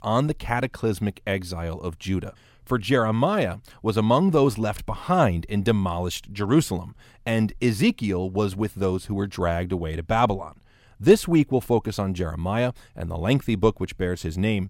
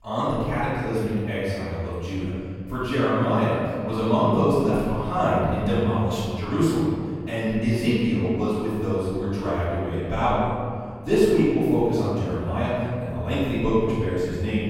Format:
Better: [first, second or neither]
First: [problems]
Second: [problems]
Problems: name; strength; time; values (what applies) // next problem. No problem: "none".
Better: first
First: none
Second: room echo; strong; dies away in 1.8 s // off-mic speech; far